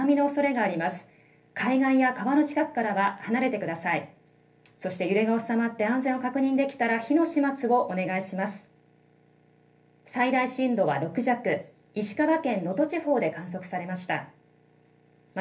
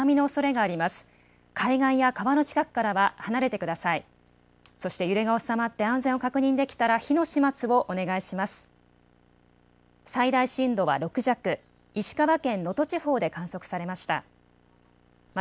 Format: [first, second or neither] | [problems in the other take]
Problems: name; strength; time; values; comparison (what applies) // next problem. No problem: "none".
second | room echo; dies away in 0.3 s